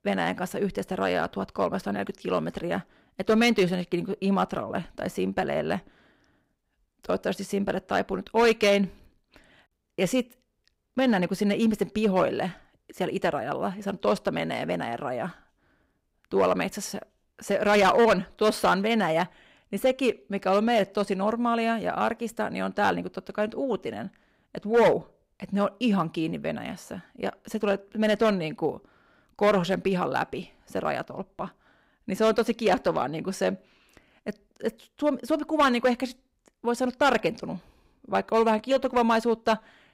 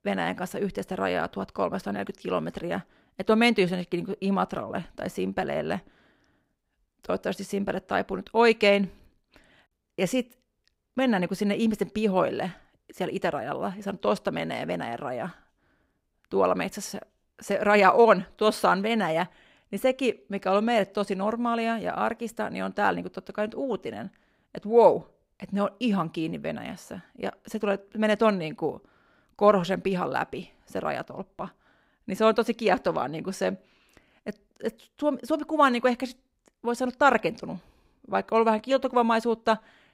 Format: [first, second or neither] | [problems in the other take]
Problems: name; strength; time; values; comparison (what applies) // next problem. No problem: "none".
second | distortion; slight; 2% of the sound clipped